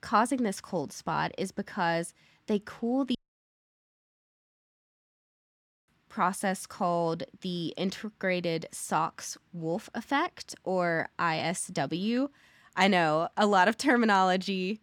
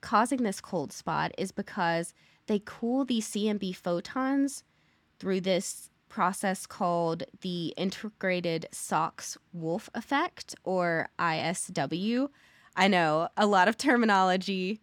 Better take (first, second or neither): second